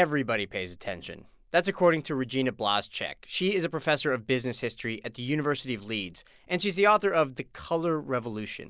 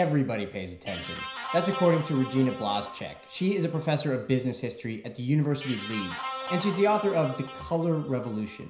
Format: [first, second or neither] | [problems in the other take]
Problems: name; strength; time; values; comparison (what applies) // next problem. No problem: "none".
first | background sound (Guitar); 12 dB below the speech // room echo; dies away in 0.5 s